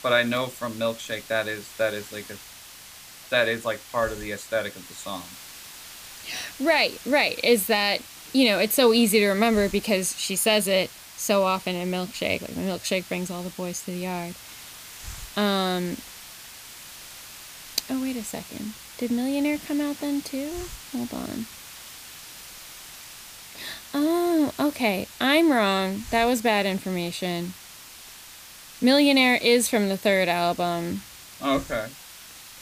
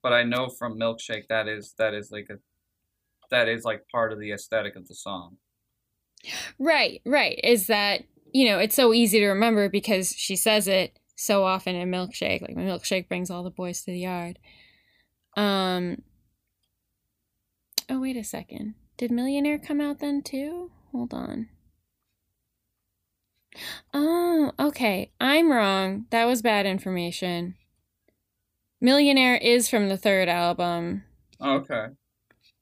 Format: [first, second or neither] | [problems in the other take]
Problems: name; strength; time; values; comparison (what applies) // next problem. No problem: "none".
second | hiss; noticeable; throughout; 15 dB below the speech